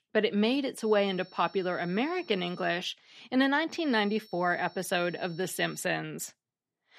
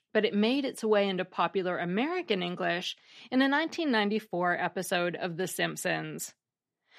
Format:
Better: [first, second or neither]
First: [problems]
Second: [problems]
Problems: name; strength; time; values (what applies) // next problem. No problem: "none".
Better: second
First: high-pitched whine; faint; from 1 to 3 s and from 3.5 to 6 s; 5.5 kHz, 25 dB below the speech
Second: none